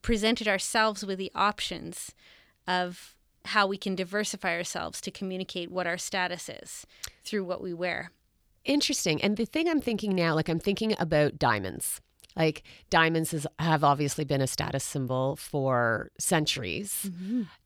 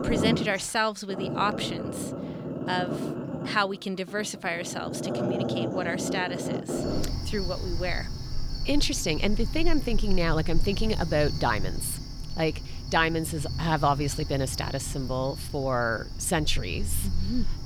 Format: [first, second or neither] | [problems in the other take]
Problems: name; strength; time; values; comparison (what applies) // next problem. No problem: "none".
first | animal sounds; loud; throughout; 5 dB below the speech